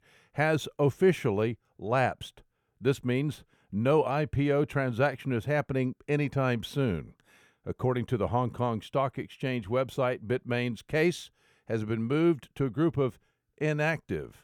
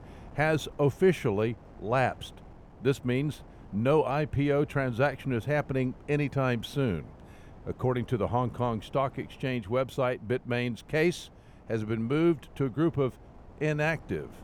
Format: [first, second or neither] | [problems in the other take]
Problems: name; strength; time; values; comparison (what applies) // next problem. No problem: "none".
first | wind noise on the microphone; occasional gusts; 25 dB below the speech